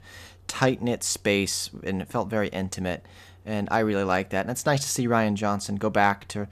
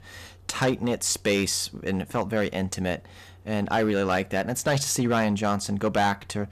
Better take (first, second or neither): first